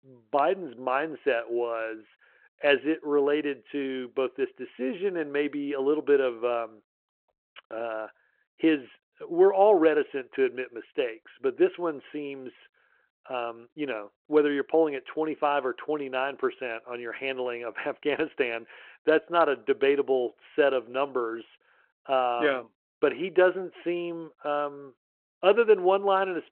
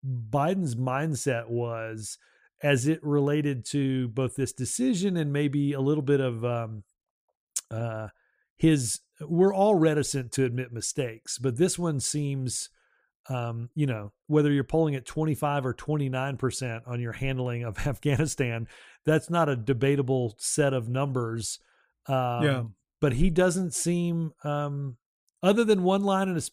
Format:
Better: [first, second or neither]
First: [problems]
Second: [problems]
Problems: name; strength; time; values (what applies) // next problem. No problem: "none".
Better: second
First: phone-call audio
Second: none